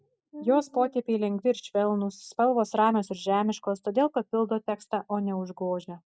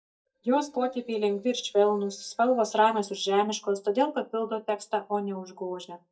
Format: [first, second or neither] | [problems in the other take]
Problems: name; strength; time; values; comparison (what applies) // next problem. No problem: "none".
first | noise reduction (neural mask model DeepFilterNet 3)